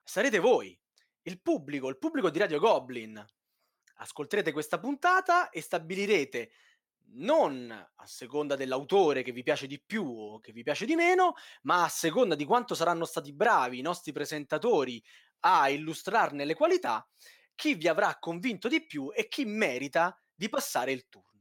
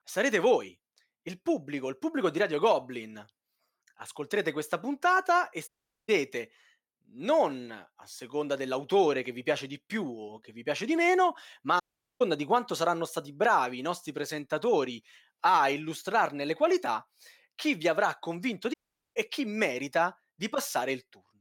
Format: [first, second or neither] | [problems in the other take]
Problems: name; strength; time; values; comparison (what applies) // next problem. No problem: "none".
first | audio cutting out; at 5.5 s, at 12 s and at 19 s